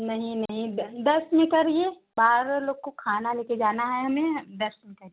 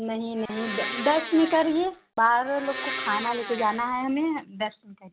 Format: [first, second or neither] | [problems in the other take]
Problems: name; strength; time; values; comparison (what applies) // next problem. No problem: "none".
first | background sound (Domestic sounds, home sounds); 9 dB below the speech